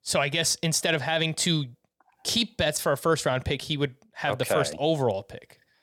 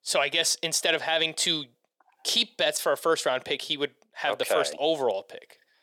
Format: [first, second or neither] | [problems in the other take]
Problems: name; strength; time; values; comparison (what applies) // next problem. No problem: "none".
first | thin; somewhat; fading below 400 Hz